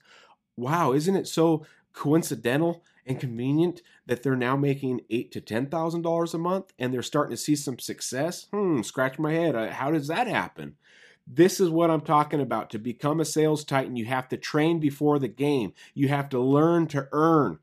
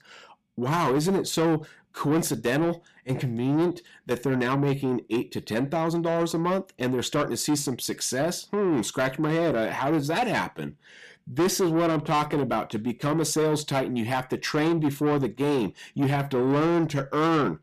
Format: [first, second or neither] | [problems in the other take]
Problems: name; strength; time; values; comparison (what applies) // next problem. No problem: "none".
first | distortion; heavy; 8 dB below the speech